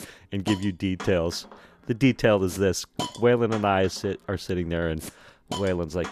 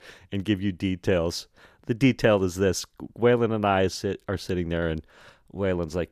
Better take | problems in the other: second | hiss; noticeable; throughout; 15 dB below the speech

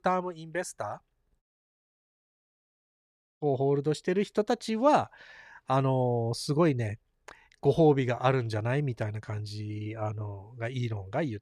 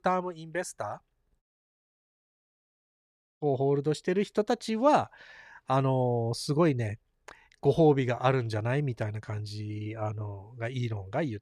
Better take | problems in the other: neither | audio cutting out; at 1.5 s for 2 s; the same in both

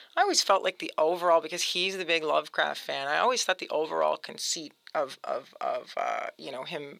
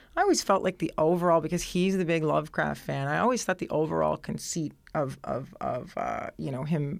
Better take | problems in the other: second | thin; very; fading below 600 Hz

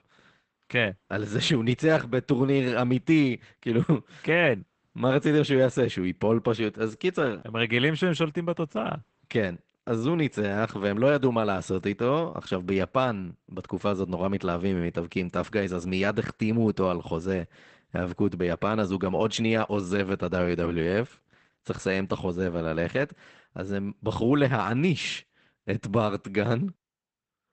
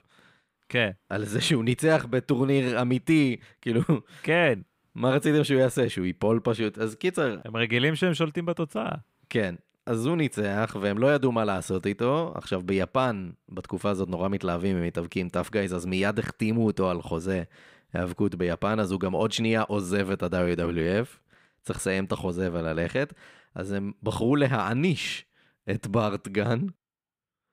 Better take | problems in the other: second | garbled, watery; badly; nothing above 8 kHz

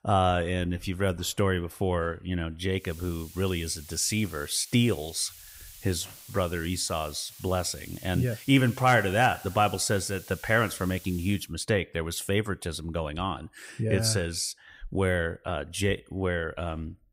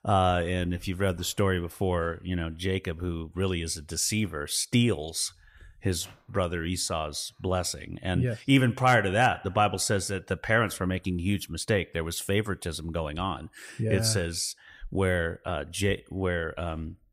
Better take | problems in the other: second | hiss; noticeable; from 3 to 11 s; 15 dB below the speech

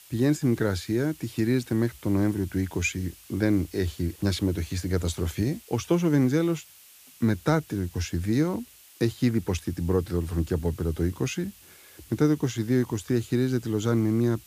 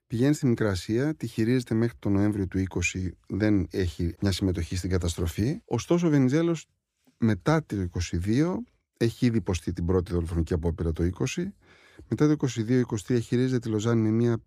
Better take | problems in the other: second | hiss; faint; throughout; 20 dB below the speech

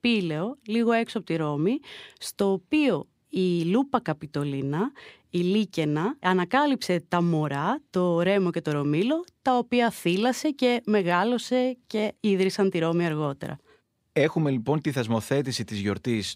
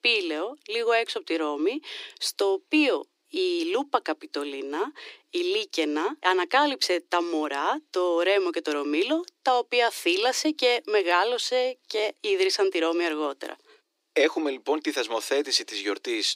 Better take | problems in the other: first | thin; somewhat; fading below 300 Hz

